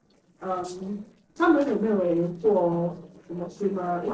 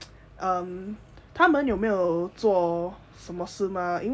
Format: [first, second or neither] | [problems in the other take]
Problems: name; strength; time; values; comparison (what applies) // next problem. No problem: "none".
second | noise reduction (neural separator model SepFormer DNS4)